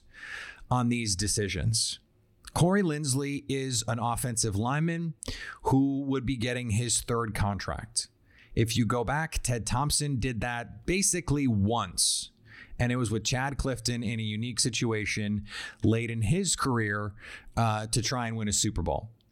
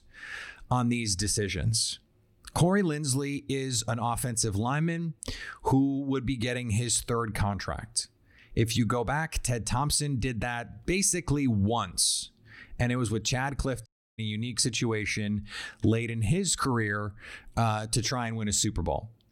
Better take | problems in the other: first | audio cutting out; at 14 s

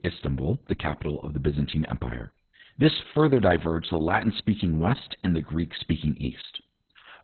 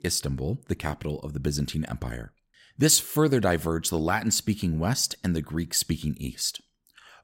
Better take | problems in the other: second | garbled, watery; badly; nothing above 4 kHz

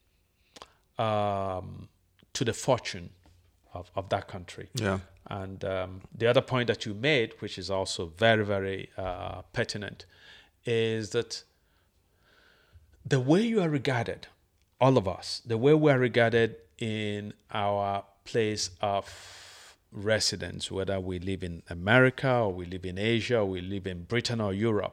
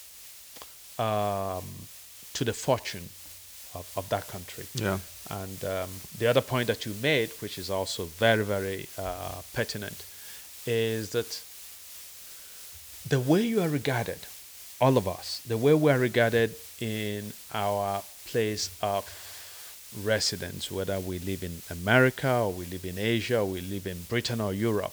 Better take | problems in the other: first | hiss; noticeable; throughout; 15 dB below the speech

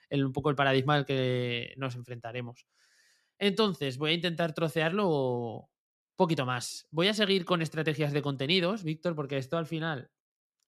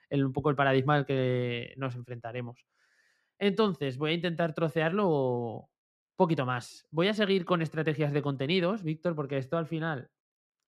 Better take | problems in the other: first | muffled; slightly; fading above 3 kHz

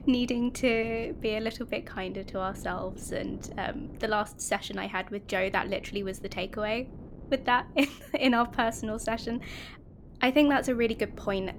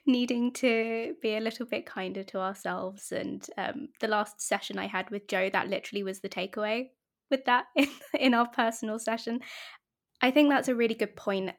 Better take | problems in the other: second | wind noise on the microphone; occasional gusts; 20 dB below the speech

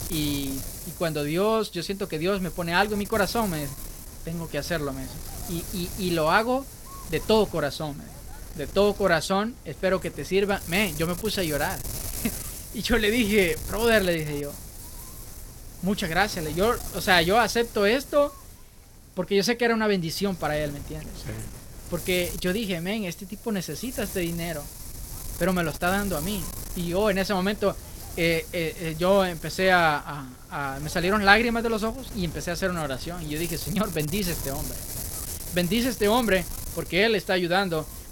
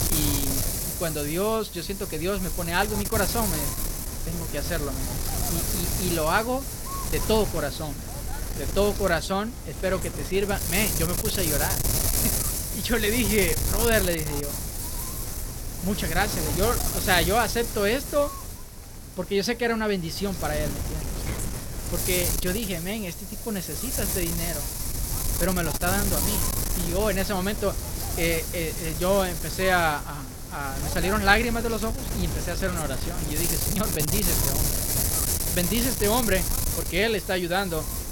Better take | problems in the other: first | wind noise on the microphone; heavy; 5 dB below the speech; occasional gusts in the first

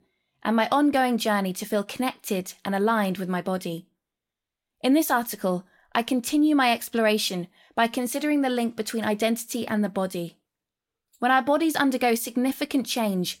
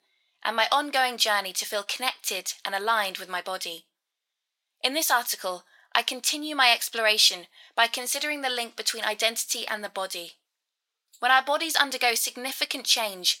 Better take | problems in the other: first | thin; very; fading below 750 Hz

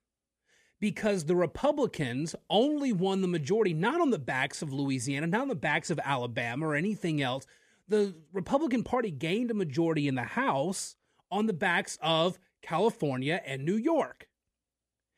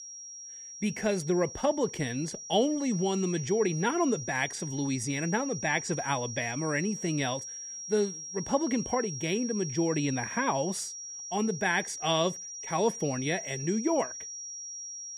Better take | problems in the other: first | high-pitched whine; loud; throughout; 5.5 kHz, 8 dB below the speech

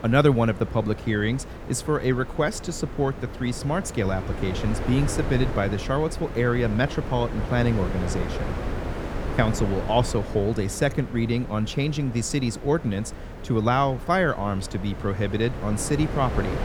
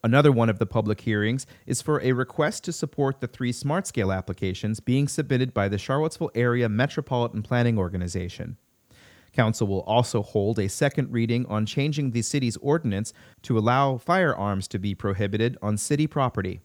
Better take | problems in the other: second | wind noise on the microphone; heavy; 10 dB below the speech

